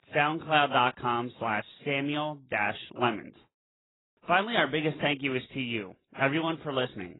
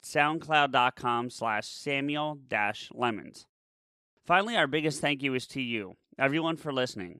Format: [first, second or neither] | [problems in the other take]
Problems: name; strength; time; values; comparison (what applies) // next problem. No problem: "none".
second | garbled, watery; badly; nothing above 3.5 kHz